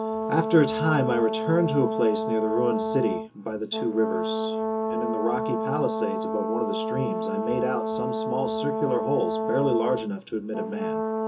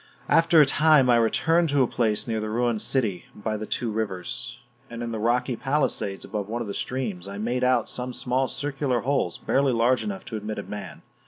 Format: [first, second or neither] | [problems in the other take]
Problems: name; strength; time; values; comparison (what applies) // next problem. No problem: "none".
second | background sound (Brass instrument); 1 dB below the speech // room echo; dies away in 0.2 s